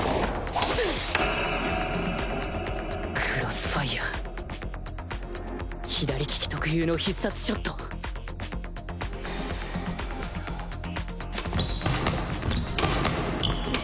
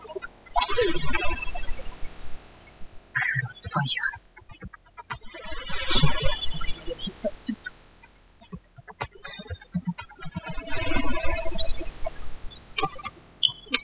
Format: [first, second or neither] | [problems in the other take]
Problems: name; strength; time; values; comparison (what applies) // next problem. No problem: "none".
first | noise reduction (classical method spectral subtraction)